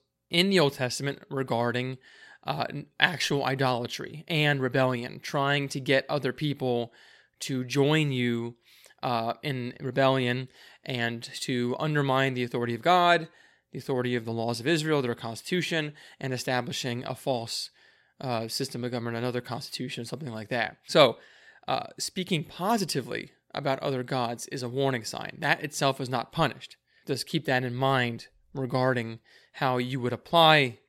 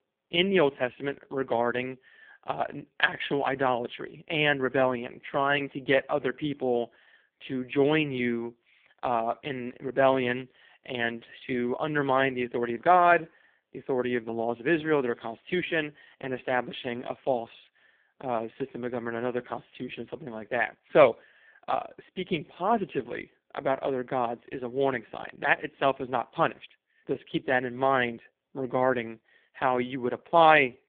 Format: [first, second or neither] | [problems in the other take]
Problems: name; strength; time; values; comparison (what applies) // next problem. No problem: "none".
first | phone-call audio; poor line